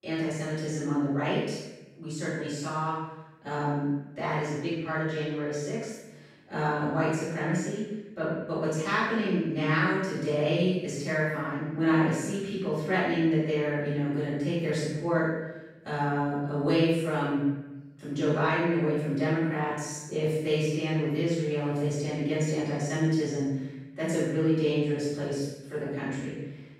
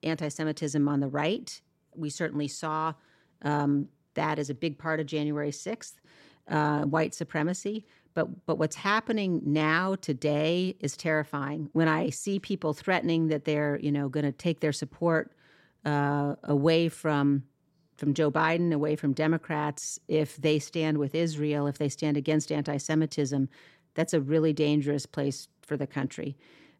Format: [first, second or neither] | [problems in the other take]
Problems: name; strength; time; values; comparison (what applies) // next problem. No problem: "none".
second | room echo; strong; dies away in 0.9 s // off-mic speech; far